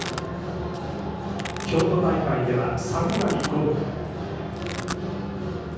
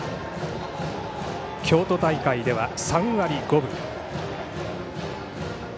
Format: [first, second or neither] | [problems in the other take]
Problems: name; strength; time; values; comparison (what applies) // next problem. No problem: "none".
second | background sound (Domestic sounds, home sounds); 14 dB below the speech // room echo; dies away in 1.3 s